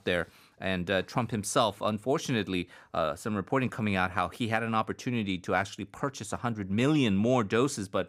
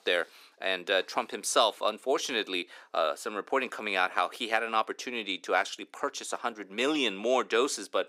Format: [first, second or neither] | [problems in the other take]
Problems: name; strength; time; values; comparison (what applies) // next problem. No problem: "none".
first | thin; somewhat; fading below 350 Hz